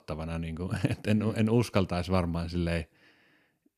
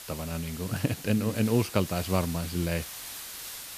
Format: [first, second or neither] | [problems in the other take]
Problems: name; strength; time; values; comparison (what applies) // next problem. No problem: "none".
first | hiss; loud; throughout; 10 dB below the speech